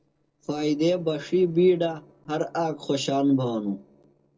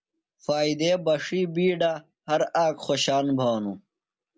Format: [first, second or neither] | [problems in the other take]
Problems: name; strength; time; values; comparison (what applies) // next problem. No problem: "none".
second | noise reduction (neural separator model SepFormer DNS4)